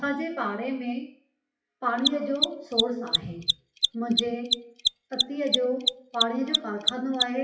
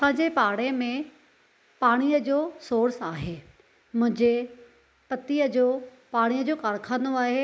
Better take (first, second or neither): second